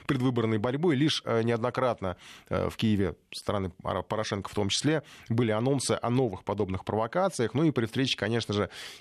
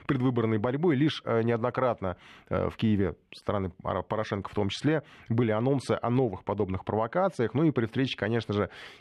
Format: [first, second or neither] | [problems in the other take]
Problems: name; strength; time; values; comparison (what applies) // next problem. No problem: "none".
first | muffled; slightly; fading above 4 kHz